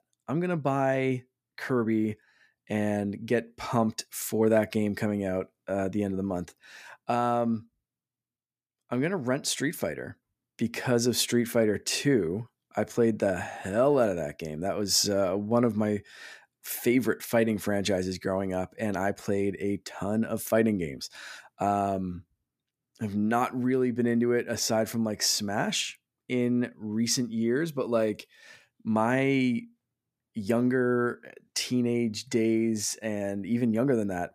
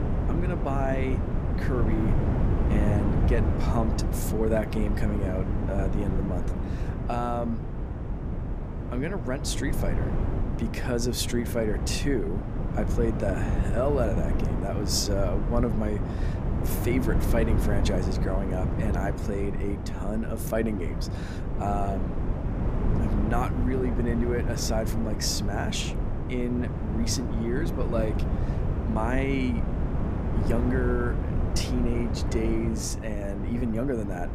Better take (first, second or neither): first